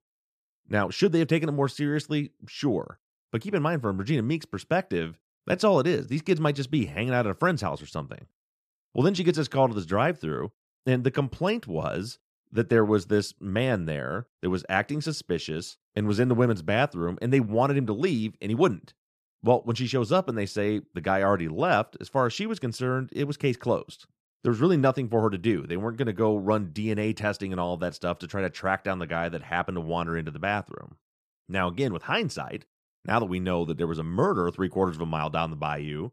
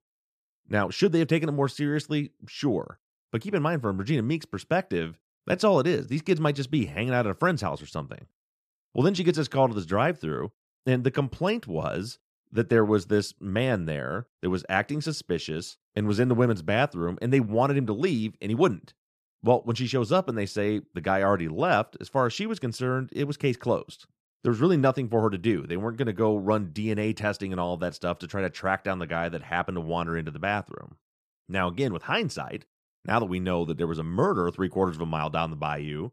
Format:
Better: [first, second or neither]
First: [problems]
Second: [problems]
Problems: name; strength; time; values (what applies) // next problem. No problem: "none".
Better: neither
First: none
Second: none